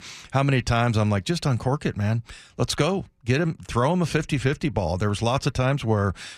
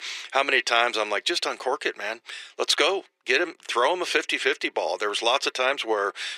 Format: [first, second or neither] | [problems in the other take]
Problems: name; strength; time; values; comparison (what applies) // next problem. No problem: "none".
first | thin; very; fading below 350 Hz